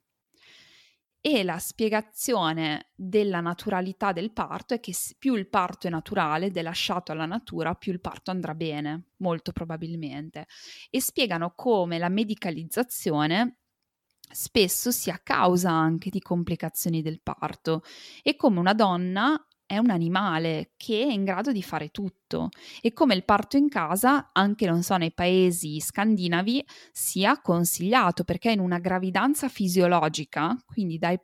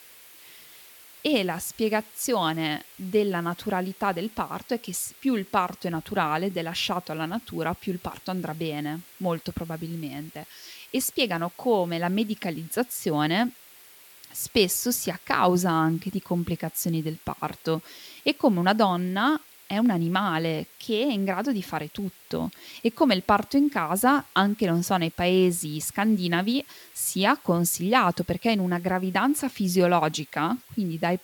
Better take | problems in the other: first | hiss; faint; throughout; 20 dB below the speech

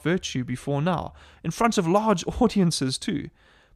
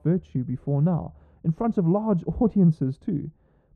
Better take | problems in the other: first | muffled; very; fading above 1.5 kHz

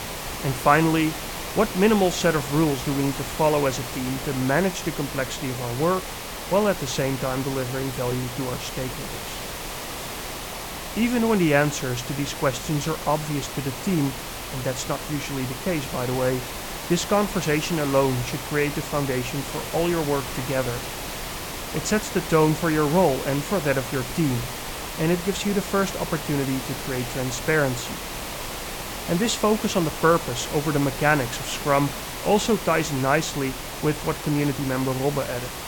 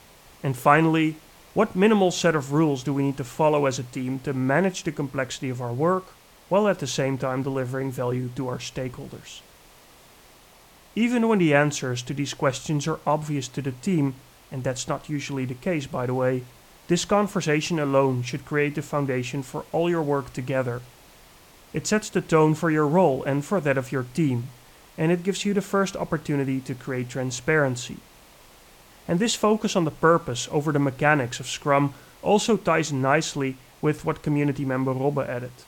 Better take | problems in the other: second | hiss; loud; throughout; 7 dB below the speech; faint in the second

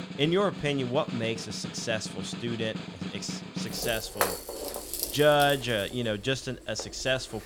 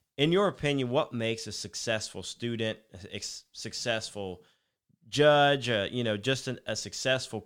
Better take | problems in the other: second | background music; loud; throughout; 7 dB below the speech

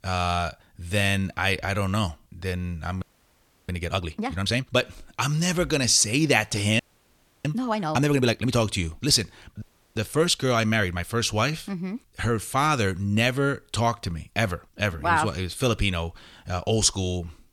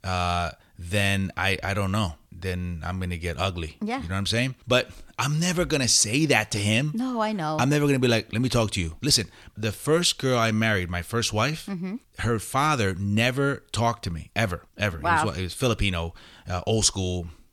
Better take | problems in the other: second | audio freezing; at 3 s for 0.5 s, at 7 s for 0.5 s and at 9.5 s

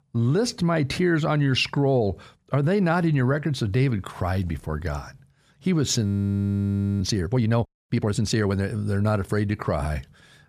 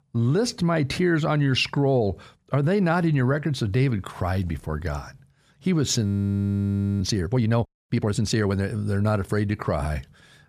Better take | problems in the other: neither | audio freezing; at 6 s for 1 s; the same in both

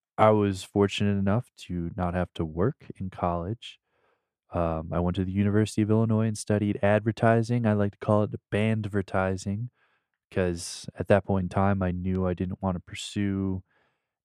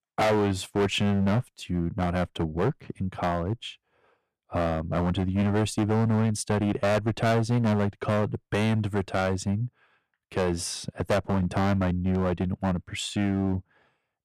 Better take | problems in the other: first | distortion; heavy; 11% of the sound clipped

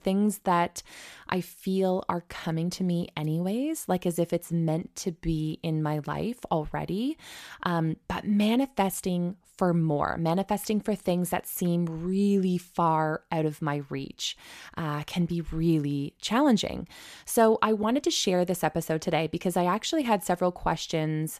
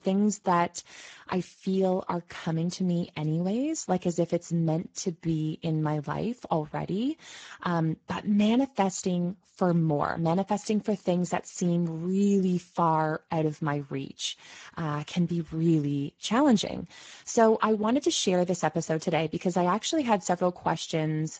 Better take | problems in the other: first | garbled, watery; badly; nothing above 7.5 kHz

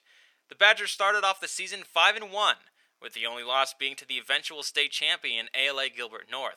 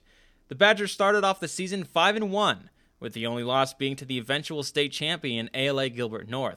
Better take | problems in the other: second | thin; very; fading below 850 Hz

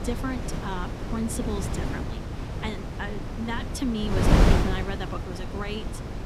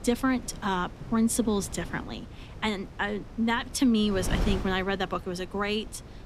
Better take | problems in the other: second | wind noise on the microphone; heavy; 1 dB above the speech; occasional gusts in the second

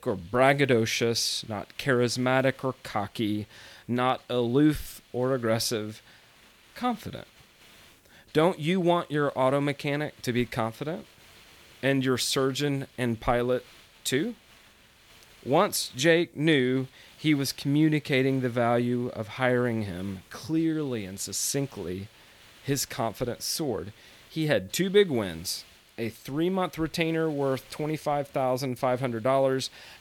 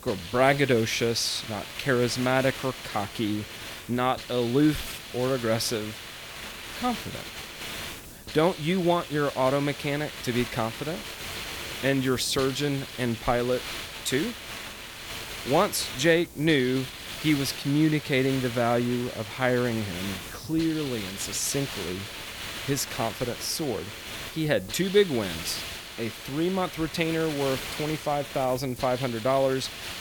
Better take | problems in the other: first | hiss; loud; throughout; 9 dB below the speech; faint in the first

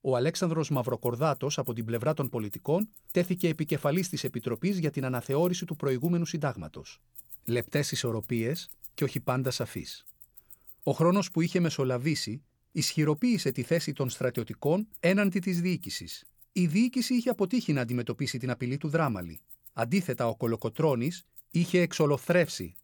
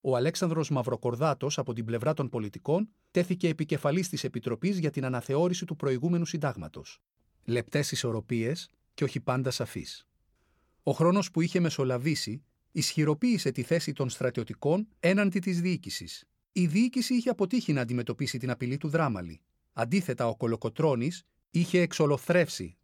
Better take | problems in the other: second | household noises; noticeable; throughout; 15 dB below the speech

